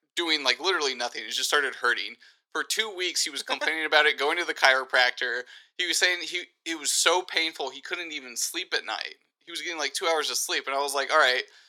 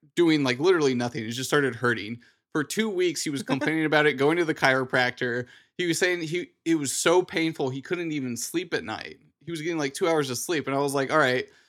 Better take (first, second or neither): second